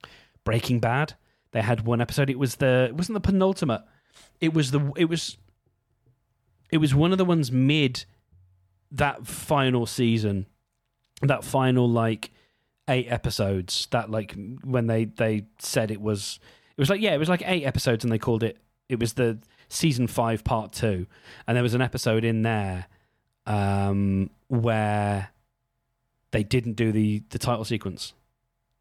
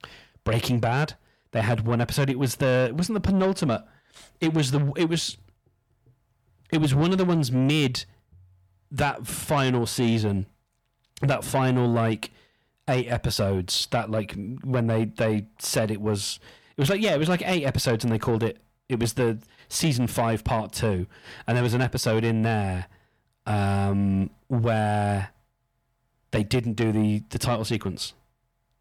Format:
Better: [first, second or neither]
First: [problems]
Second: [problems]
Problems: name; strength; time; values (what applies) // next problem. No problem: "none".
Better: first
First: none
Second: distortion; slight; 10 dB below the speech